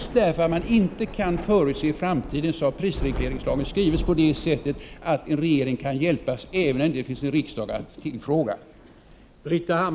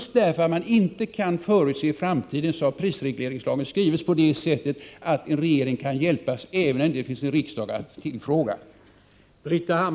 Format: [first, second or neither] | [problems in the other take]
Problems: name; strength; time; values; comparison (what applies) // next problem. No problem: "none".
second | background sound (Thunder / Rain); 12 dB below the speech